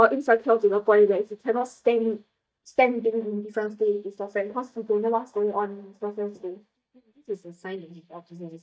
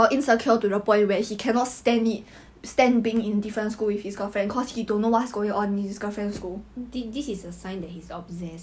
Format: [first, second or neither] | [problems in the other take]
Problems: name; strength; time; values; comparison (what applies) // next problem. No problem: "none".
second | noise reduction (neural mask model DeepFilterNet 3)